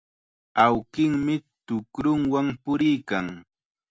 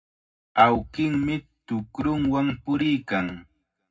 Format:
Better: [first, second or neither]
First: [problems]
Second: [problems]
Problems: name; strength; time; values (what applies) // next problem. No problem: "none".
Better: first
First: none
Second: room echo; dies away in 0.3 s